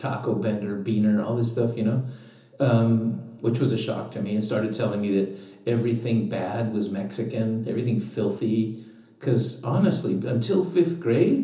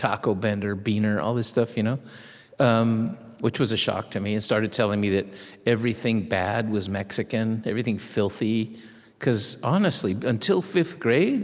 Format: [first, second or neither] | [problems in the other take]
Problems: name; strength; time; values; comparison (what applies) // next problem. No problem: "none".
second | room echo; dies away in 0.7 s